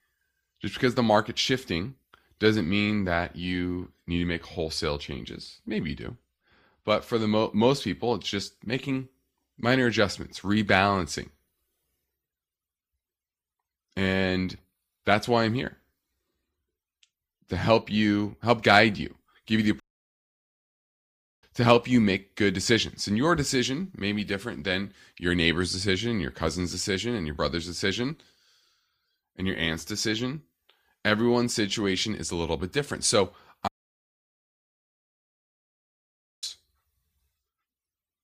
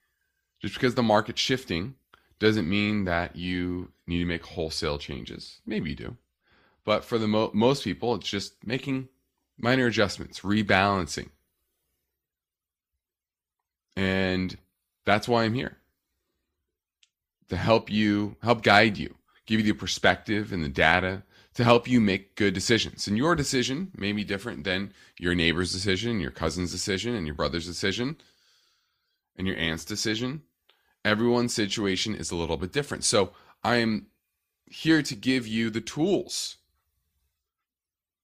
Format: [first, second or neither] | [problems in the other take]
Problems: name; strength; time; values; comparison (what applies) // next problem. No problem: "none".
second | audio cutting out; at 20 s for 1.5 s and at 34 s for 3 s